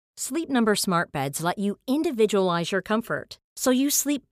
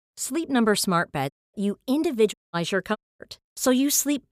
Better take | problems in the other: first | audio cutting out; at 1.5 s, at 2.5 s and at 3 s

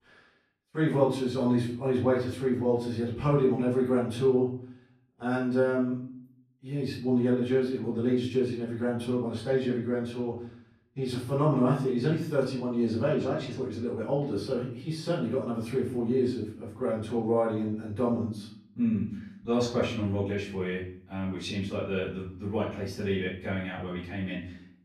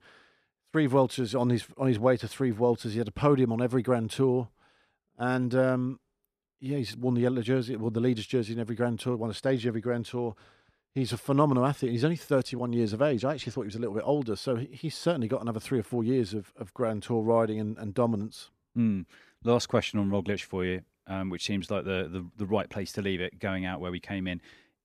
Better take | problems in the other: second | room echo; noticeable; dies away in 0.5 s // off-mic speech; far

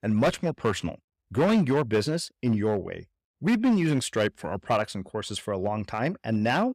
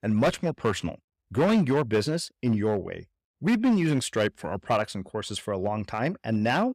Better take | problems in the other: neither | distortion; slight; 6% of the sound clipped; the same in both

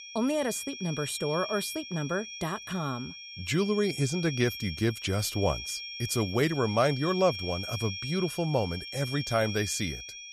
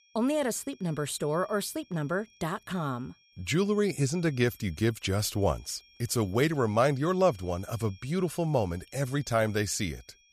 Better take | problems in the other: second | high-pitched whine; loud; throughout; 2.5 kHz, 8 dB below the speech; faint in the second

